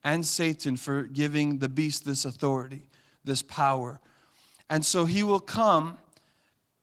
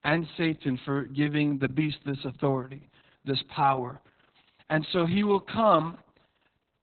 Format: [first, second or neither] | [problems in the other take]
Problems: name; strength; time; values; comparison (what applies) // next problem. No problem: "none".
first | garbled, watery; badly; nothing above 4 kHz; slightly in the first